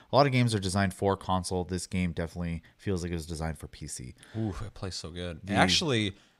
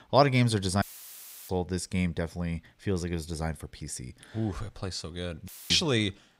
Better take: first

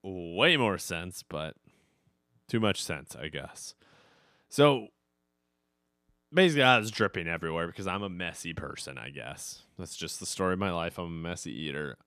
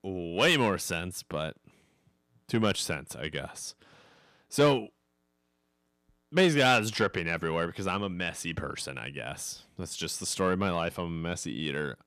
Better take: first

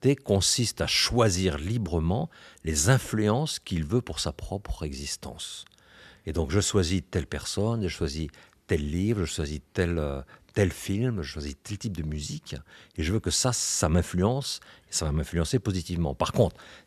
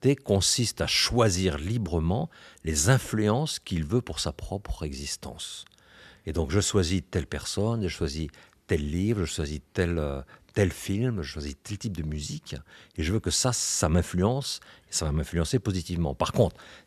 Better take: neither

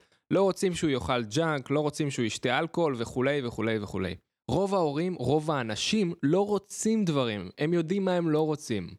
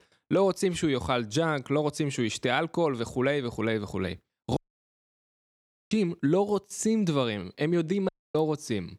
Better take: first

